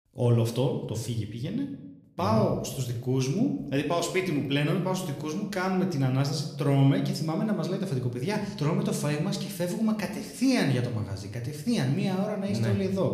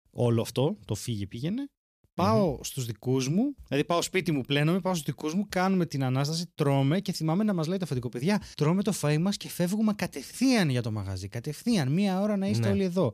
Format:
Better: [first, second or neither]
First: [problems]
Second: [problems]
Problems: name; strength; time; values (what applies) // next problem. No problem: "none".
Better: second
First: room echo; slight; dies away in 0.7 s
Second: none